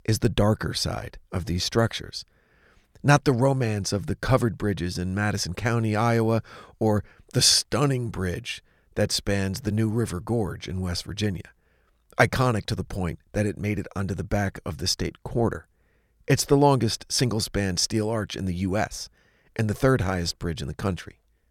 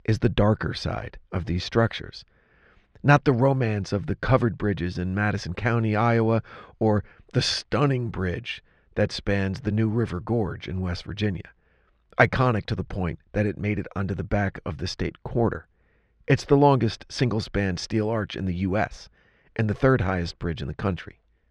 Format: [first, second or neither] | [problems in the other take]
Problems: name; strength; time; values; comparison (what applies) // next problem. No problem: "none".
first | muffled; slightly; fading above 3 kHz